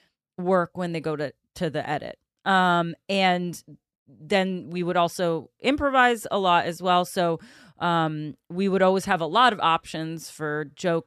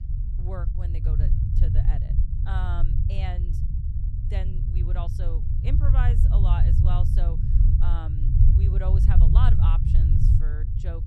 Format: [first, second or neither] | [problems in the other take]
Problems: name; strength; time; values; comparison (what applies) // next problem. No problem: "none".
first | low rumble; loud; throughout; as loud as the speech